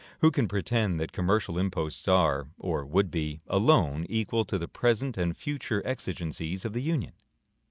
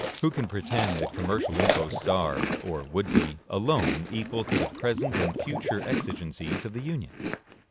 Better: first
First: none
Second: background sound (Chewing, mastication + Water / Liquid); as loud as the speech

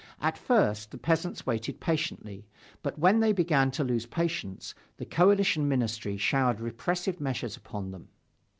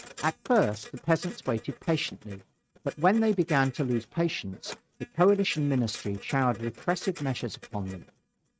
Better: first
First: none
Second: noise reduction (neural mask model RNNoise)

